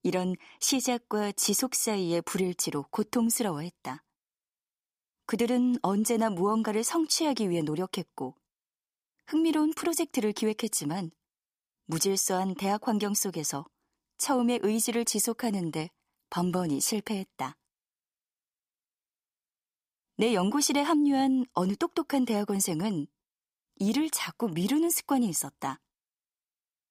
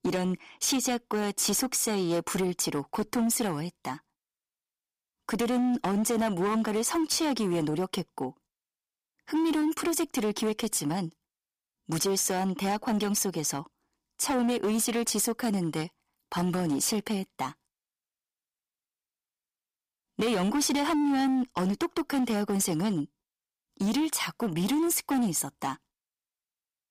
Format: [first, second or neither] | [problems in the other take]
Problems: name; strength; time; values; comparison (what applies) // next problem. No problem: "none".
first | distortion; slight; 13% of the sound clipped